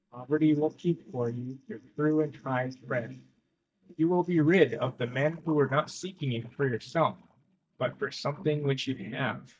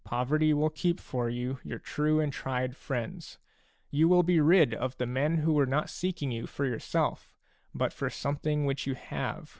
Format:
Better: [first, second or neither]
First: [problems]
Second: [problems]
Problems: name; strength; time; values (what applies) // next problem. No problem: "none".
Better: second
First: noise reduction (neural mask model DeepFilterNet 3)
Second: none